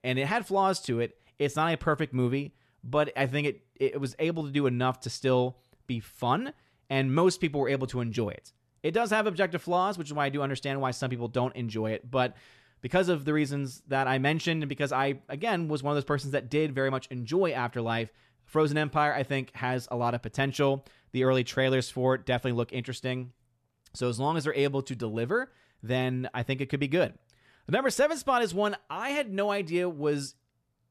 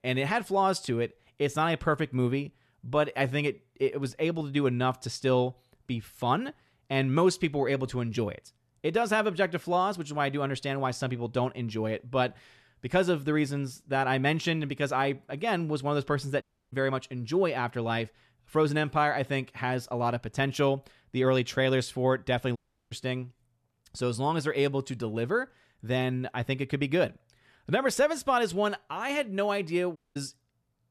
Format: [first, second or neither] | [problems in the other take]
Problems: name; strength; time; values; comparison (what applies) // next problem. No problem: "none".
first | audio cutting out; at 16 s, at 23 s and at 30 s